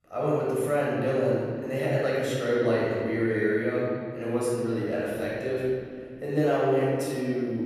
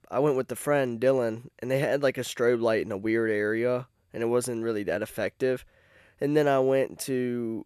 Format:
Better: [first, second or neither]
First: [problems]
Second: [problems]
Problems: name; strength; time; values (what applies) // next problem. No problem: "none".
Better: second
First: off-mic speech; far // room echo; strong; dies away in 2.2 s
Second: none